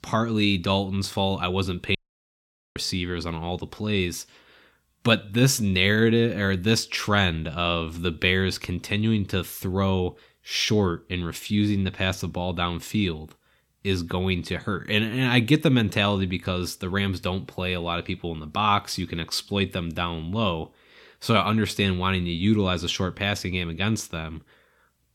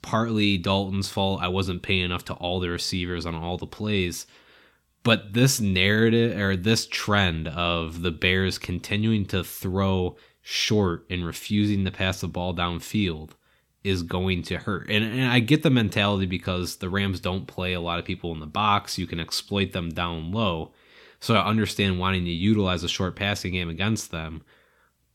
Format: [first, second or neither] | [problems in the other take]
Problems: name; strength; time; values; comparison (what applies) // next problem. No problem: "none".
second | audio cutting out; at 2 s for 1 s